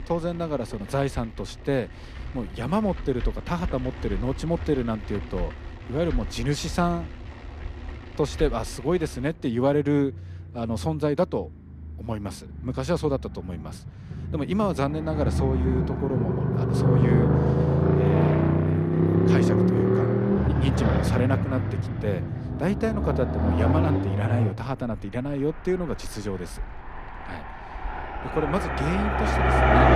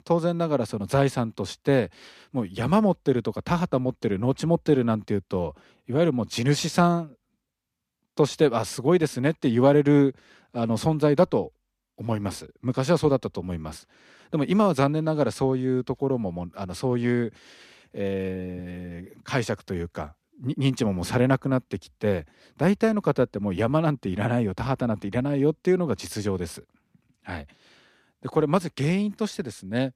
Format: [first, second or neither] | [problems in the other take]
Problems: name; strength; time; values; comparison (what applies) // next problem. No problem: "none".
second | traffic noise; very loud; throughout; 3 dB above the speech